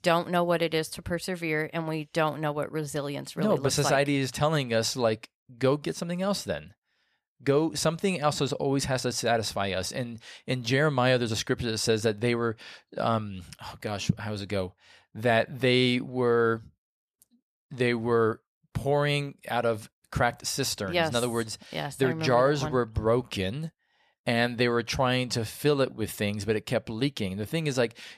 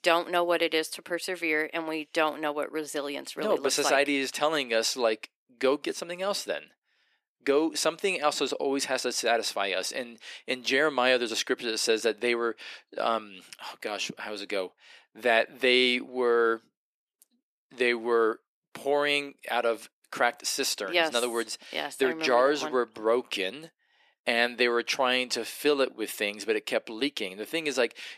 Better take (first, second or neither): first